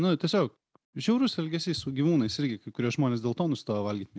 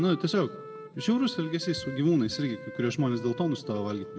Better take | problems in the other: first | background sound (Wind instrument, woodwind instrument); 15 dB below the speech // room echo; dies away in 1.4 s

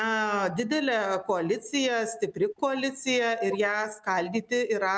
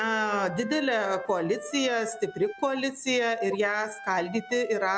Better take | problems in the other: first | background sound (Wind instrument, woodwind instrument); 15 dB below the speech

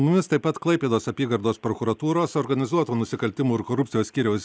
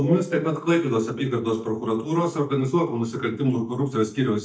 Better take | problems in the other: first | noise reduction (neural mask model DeepFilterNet 3)

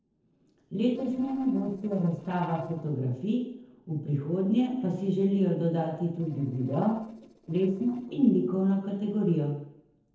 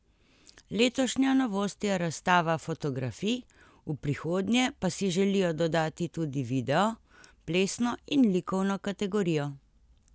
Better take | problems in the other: second | noise reduction (neural separator model SepFormer DNS4)

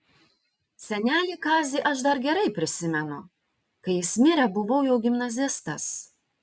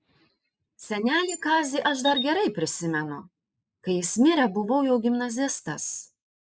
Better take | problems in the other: first | noise reduction (neural mask model Resemble Enhance denoiser)

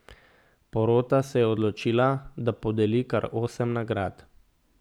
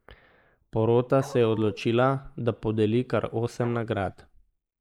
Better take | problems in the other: first | noise reduction (neural mask model Resemble Enhance denoiser)

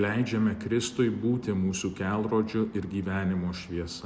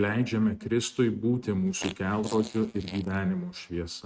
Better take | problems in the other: first | noise reduction (neural mask model RNNoise)

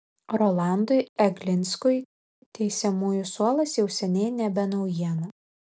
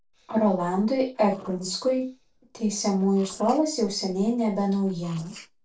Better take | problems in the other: first | noise reduction (neural separator model SepFormer DNS4)

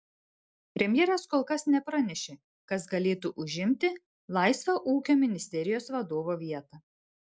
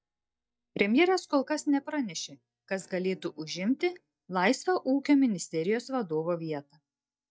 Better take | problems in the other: first | noise reduction (neural mask model DeepFilterNet 3)

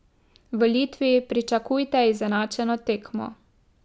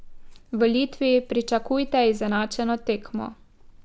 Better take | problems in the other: first | background sound (Chewing, mastication / Livestock, farm animals, working animals); 17 dB below the speech

